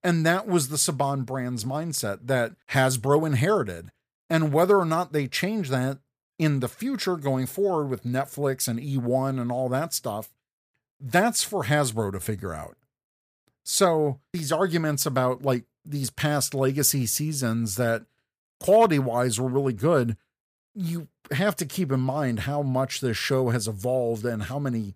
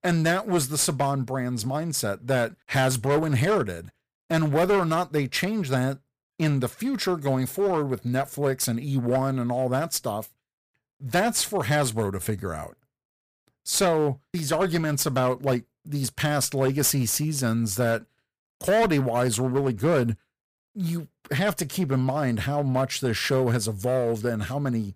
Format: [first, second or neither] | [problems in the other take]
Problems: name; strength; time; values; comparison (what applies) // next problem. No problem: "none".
first | distortion; slight; 8% of the sound clipped